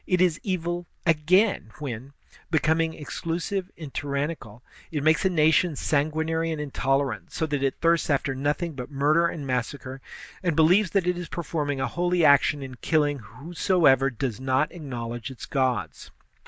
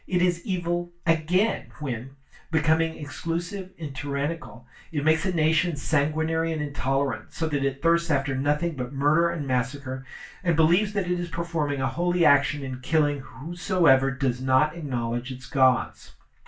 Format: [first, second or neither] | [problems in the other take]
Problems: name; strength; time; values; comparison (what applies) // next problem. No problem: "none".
first | room echo; dies away in 0.2 s